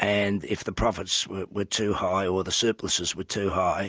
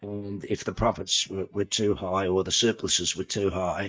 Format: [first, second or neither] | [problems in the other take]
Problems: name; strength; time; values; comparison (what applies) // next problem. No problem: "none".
first | noise reduction (neural mask model DeepFilterNet 3)